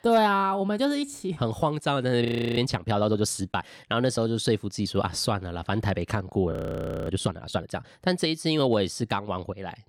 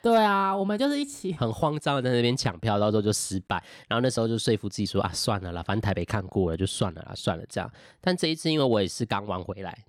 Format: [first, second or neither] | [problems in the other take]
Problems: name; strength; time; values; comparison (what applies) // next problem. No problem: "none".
second | audio freezing; at 2.5 s and at 6.5 s for 0.5 s